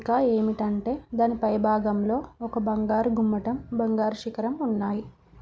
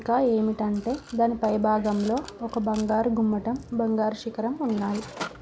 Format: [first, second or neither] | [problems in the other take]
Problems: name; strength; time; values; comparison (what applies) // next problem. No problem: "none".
first | background sound (Mechanisms); 19 dB below the speech